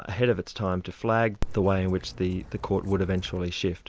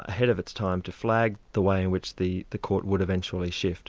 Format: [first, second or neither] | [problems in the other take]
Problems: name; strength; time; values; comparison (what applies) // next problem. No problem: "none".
second | background sound (Dog); 9 dB below the speech